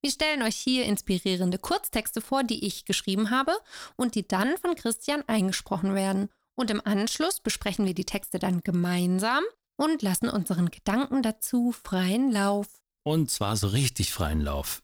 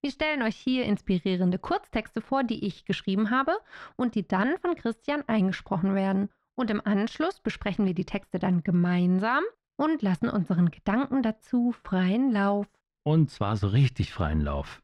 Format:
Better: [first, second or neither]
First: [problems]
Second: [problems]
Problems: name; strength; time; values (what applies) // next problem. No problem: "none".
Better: first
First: none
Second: muffled; slightly; fading above 2 kHz